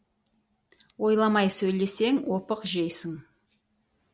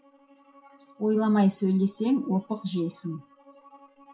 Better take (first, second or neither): first